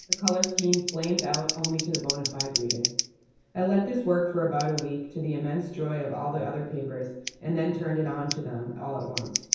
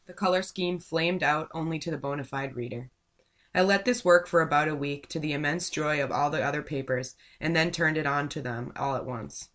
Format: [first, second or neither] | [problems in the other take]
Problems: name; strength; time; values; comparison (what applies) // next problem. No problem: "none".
second | background sound (Scissors); 5 dB below the speech // room echo; dies away in 0.9 s